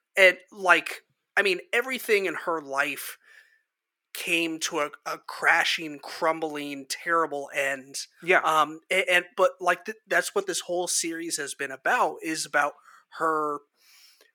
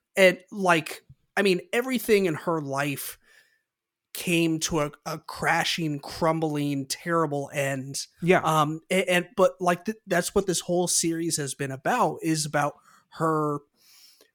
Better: second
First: thin; somewhat; fading below 450 Hz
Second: none

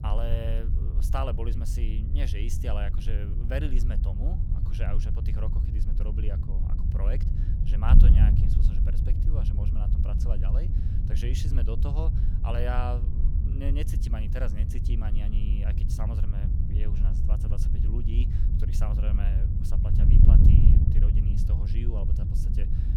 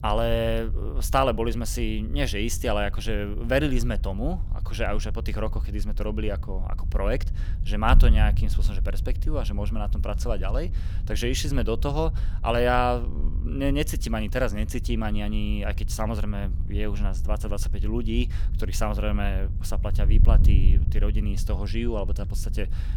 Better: second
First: wind noise on the microphone; heavy; 2 dB below the speech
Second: wind noise on the microphone; occasional gusts; 15 dB below the speech

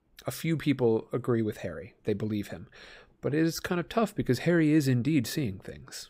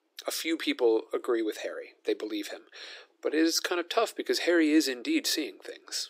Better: first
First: none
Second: thin; somewhat; fading below 300 Hz

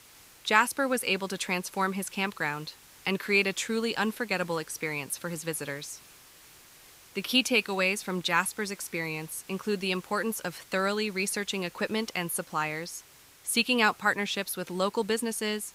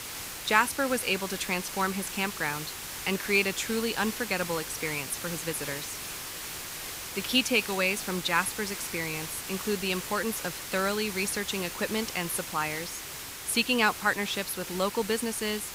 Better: first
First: hiss; faint; throughout; 25 dB below the speech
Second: hiss; loud; throughout; 7 dB below the speech

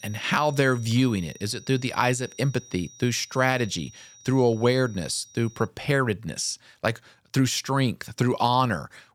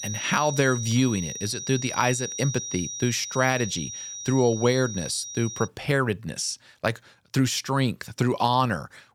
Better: first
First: high-pitched whine; faint; until 5.5 s; 5.5 kHz, 20 dB below the speech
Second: high-pitched whine; loud; until 5.5 s; 5.5 kHz, 8 dB below the speech

